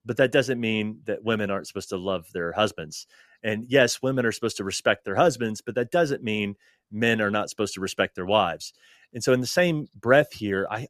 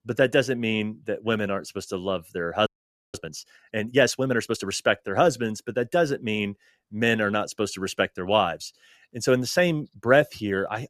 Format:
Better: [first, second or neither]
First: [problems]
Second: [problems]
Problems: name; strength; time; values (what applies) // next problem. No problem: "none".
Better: first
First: none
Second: audio freezing; at 2.5 s